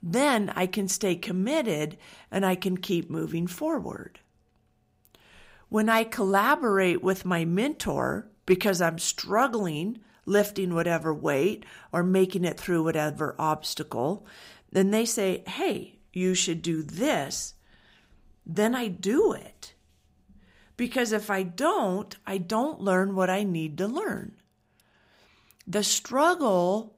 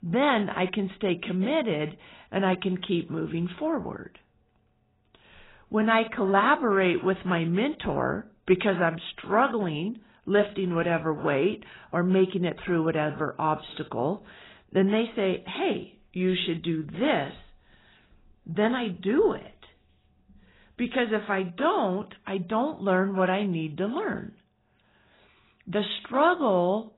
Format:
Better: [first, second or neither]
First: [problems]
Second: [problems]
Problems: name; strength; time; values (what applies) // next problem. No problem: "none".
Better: first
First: none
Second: garbled, watery; badly; nothing above 4 kHz